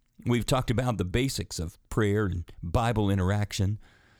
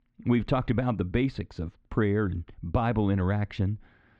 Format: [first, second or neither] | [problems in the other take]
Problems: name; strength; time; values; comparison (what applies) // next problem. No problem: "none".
first | muffled; very; fading above 3 kHz